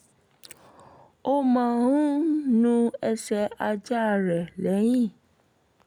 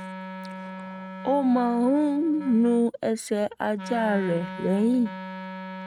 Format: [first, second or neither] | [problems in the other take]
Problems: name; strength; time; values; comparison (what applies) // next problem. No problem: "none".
first | noise reduction (neural mask model RNNoise)